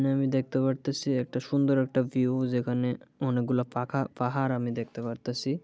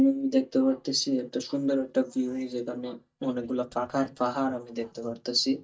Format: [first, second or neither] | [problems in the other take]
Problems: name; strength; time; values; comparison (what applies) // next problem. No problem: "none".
first | noise reduction (neural mask model DeepFilterNet 3)